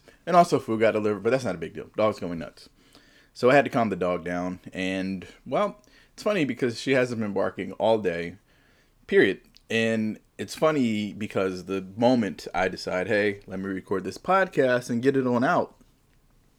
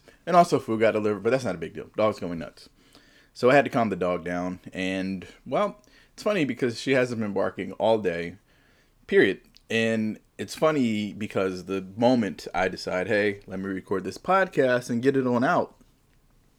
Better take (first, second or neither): neither